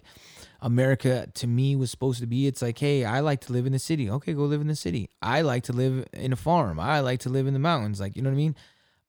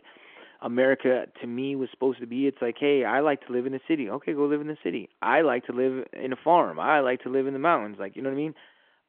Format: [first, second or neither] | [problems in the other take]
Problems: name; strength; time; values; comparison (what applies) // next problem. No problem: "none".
first | phone-call audio